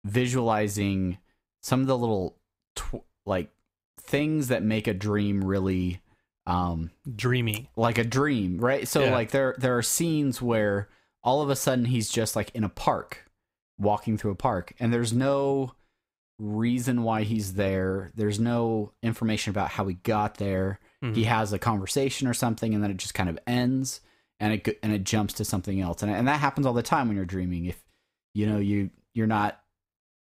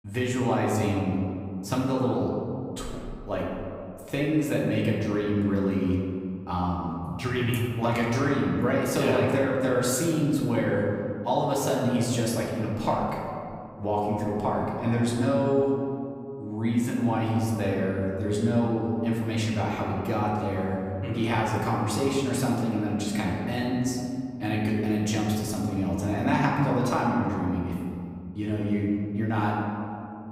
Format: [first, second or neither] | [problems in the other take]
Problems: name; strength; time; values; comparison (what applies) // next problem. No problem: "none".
first | room echo; noticeable; dies away in 2.3 s // off-mic speech; far